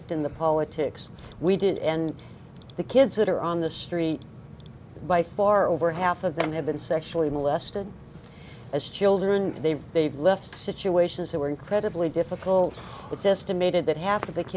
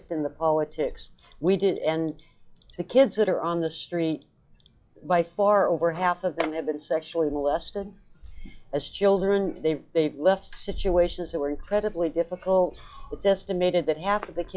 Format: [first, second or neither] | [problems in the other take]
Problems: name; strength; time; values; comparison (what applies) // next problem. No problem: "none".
first | noise reduction (classical method log-MMSE)